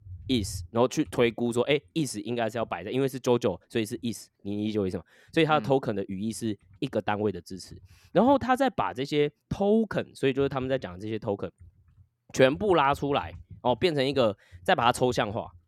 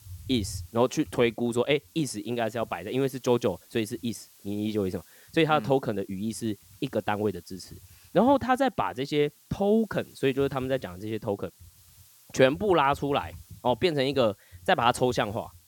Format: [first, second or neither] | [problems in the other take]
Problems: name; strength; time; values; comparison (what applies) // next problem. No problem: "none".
first | hiss; faint; throughout; 25 dB below the speech